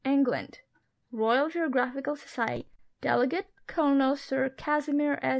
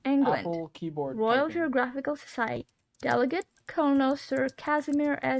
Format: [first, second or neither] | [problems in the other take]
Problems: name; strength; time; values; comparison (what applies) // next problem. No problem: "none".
first | noise reduction (neural mask model RNNoise)